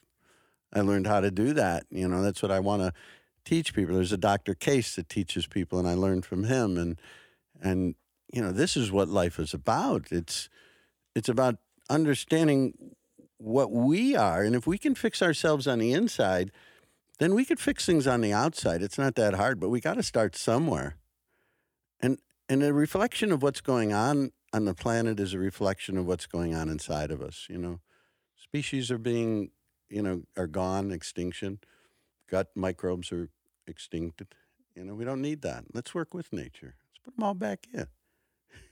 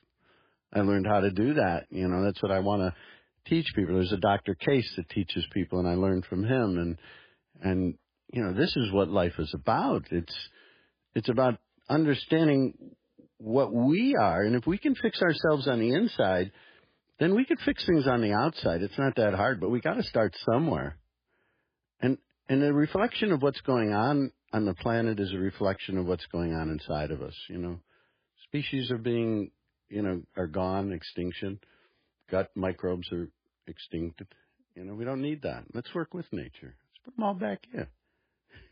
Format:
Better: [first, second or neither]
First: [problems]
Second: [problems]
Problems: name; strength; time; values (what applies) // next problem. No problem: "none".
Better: first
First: none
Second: garbled, watery; badly